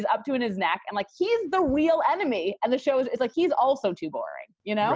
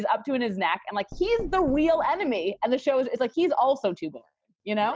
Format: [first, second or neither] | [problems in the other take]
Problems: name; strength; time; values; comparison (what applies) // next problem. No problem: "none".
first | noise reduction (neural mask model DeepFilterNet 3)